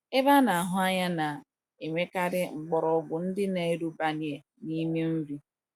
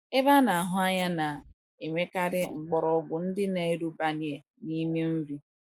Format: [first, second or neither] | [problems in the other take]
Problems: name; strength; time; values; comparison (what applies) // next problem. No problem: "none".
first | noise reduction (neural mask model Resemble Enhance denoiser)